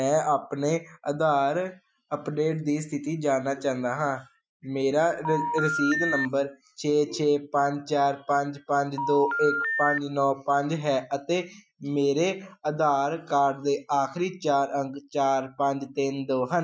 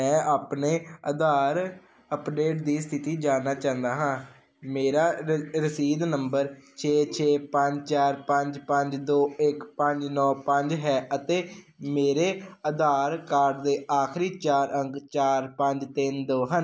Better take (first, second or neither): second